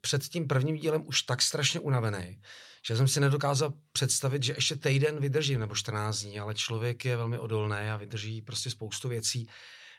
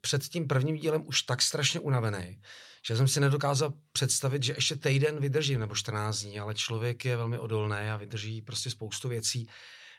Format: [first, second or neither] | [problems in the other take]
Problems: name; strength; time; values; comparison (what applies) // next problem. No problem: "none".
neither | none